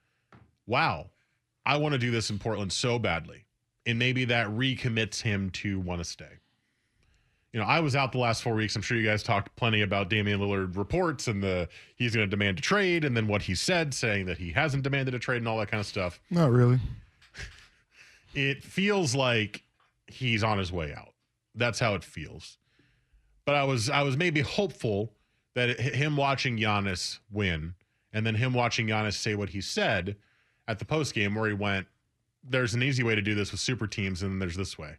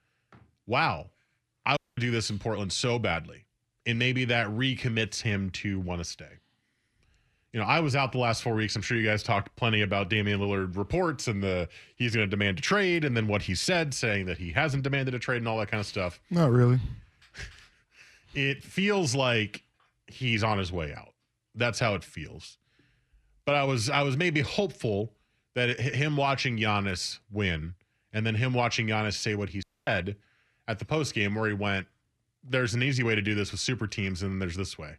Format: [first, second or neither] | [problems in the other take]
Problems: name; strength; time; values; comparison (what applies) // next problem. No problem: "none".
first | audio cutting out; at 2 s and at 30 s